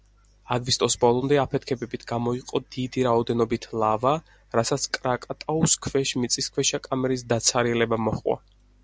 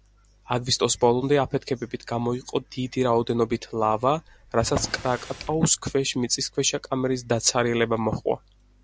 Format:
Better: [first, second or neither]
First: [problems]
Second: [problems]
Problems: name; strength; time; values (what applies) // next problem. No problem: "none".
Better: first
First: none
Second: background sound (Drawer open or close); 11 dB below the speech